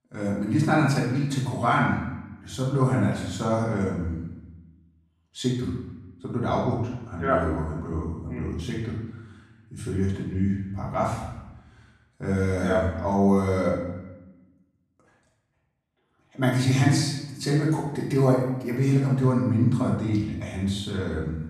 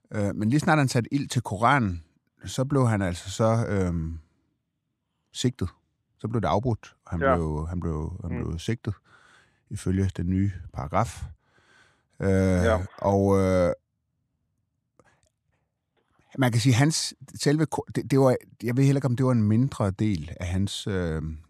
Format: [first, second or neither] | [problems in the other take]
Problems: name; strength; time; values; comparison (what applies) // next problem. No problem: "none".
second | off-mic speech; far // room echo; noticeable; dies away in 0.9 s